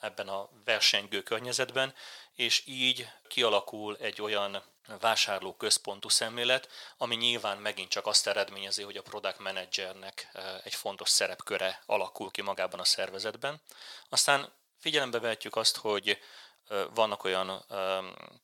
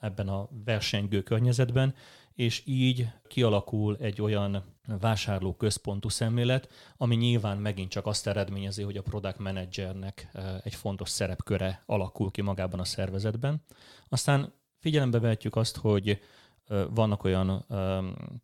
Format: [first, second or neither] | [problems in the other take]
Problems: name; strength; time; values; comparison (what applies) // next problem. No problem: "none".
second | thin; very; fading below 750 Hz